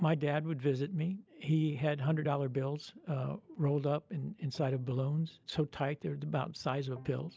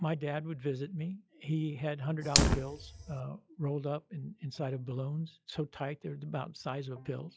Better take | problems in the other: first | noise reduction (classical method log-MMSE)

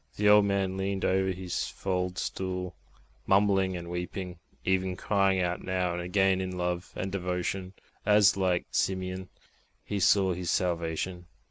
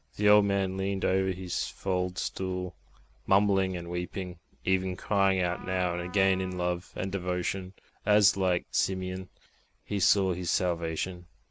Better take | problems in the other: first | background sound (Trumpet); 19 dB below the speech

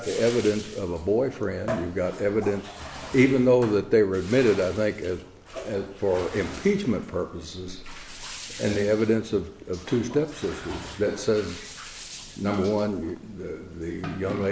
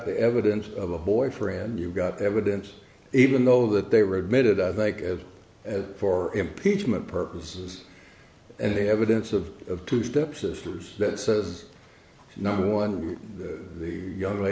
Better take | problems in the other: second | background sound (Bathtub (filling or washing)); 14 dB below the speech

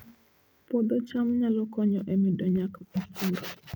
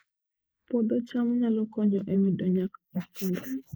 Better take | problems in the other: first | noise reduction (neural mask model Resemble Enhance denoiser)

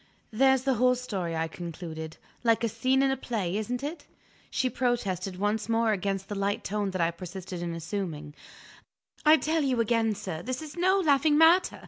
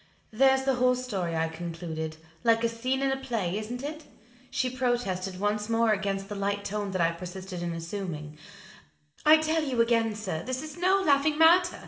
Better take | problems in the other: first | room echo; dies away in 1.7 s

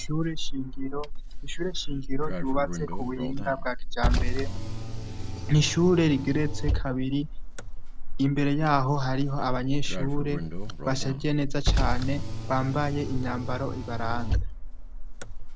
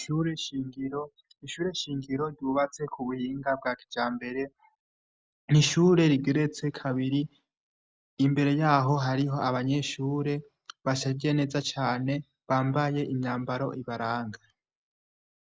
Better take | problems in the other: second | background sound (Car); 2 dB above the speech

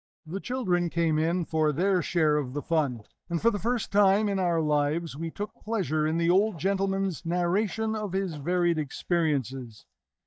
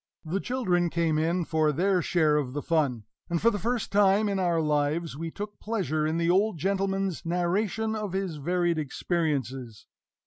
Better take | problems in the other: second | noise reduction (neural mask model DeepFilterNet 3)

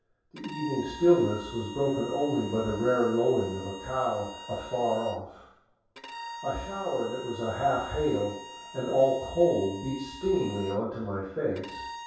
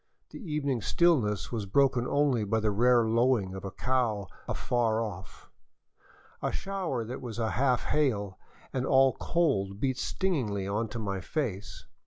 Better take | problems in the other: second | background sound (Bowed string instrument); 15 dB below the speech // room echo; dies away in 0.7 s

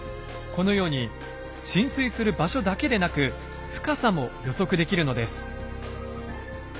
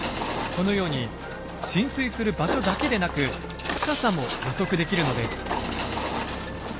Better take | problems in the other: first | background sound (Walk, footsteps); 4 dB below the speech

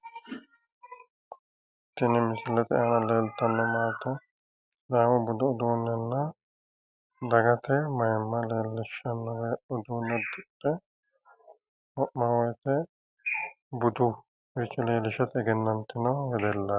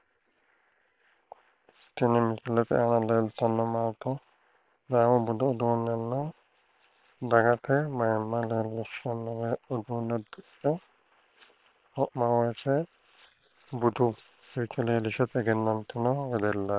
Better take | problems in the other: first | noise reduction (neural separator model SepFormer WHAM!)

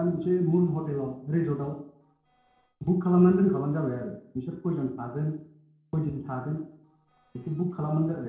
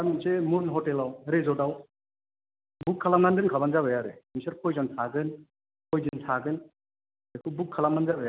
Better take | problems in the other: second | noise reduction (neural separator model SepFormer DNS4)

